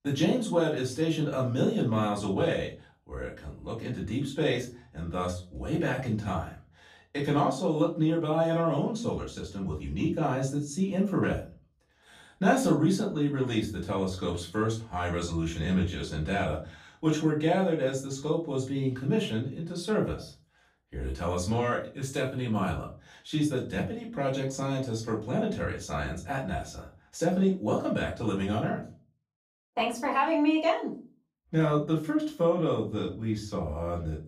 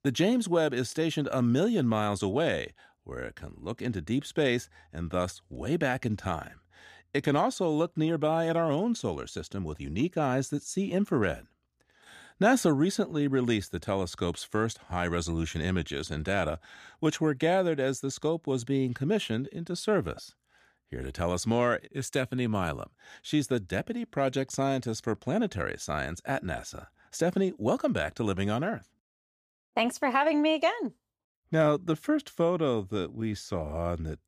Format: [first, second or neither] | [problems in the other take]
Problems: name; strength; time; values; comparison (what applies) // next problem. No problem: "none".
second | room echo; slight; dies away in 0.3 s // off-mic speech; far